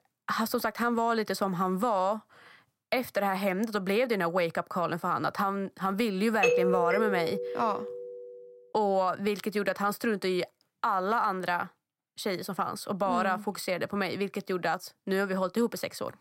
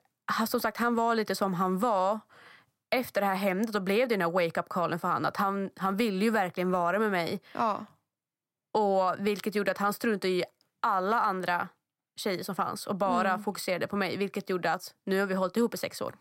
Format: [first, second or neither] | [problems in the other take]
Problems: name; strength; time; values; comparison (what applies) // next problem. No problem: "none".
second | doorbell; loud; from 6.5 to 8 s; peak 5 dB above the speech